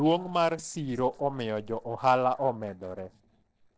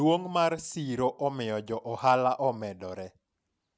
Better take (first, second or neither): second